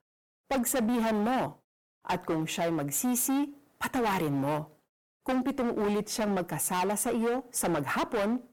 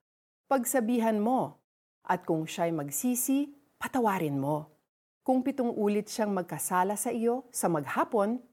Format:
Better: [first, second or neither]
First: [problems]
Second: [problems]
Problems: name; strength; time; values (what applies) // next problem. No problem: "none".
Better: second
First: distortion; heavy; 22% of the sound clipped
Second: none